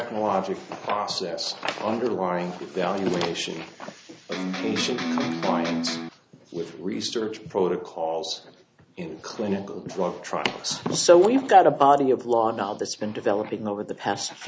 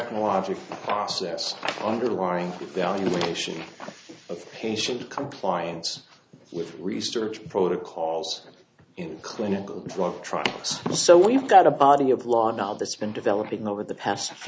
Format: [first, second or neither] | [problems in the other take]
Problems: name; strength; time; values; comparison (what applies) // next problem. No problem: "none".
second | background sound (Electric guitar); 3 dB below the speech